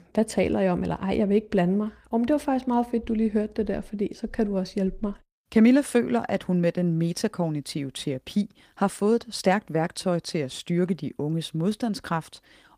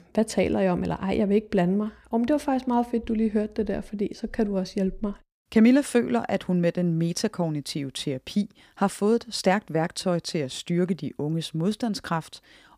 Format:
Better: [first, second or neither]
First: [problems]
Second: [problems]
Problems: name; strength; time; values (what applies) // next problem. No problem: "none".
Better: second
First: garbled, watery; slightly; nothing above 15 kHz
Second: none